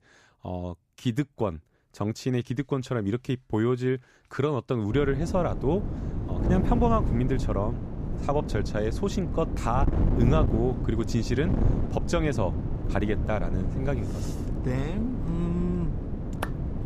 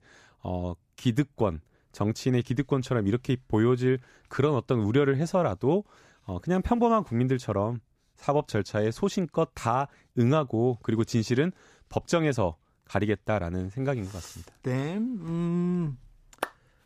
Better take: second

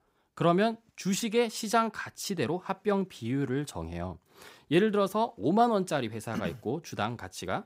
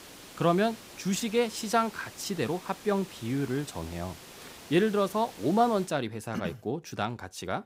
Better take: first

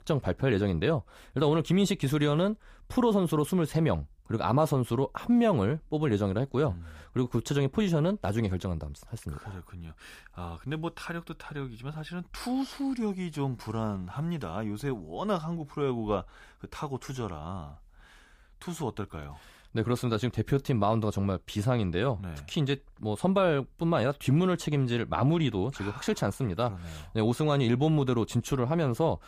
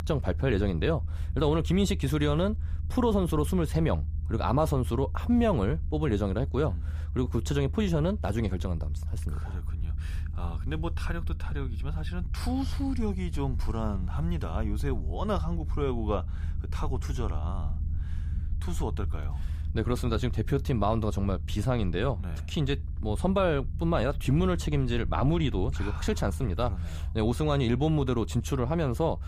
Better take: first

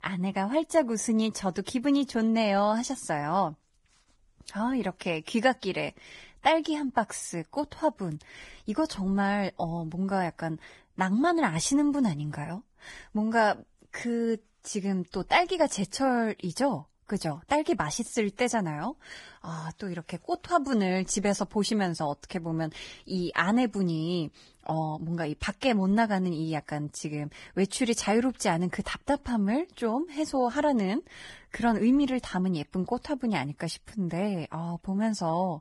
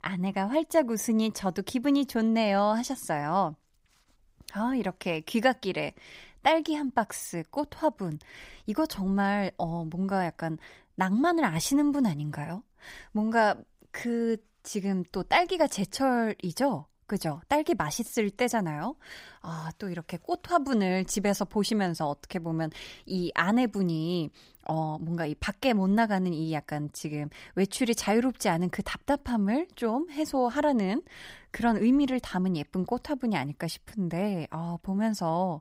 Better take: second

